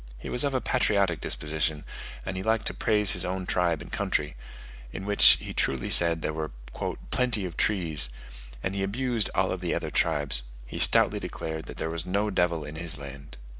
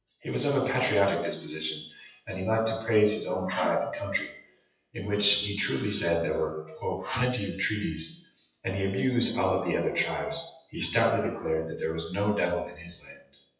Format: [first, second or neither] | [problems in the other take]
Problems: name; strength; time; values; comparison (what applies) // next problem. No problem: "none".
first | noise reduction (classical method WPE with log-MMSE)